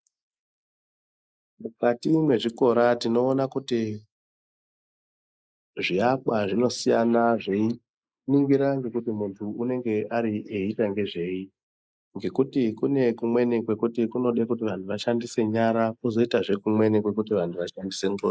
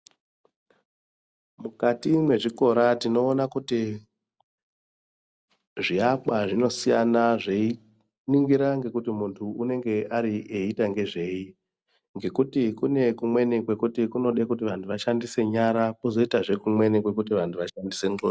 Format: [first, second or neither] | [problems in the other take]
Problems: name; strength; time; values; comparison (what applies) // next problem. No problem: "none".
second | noise reduction (neural mask model Resemble Enhance denoiser)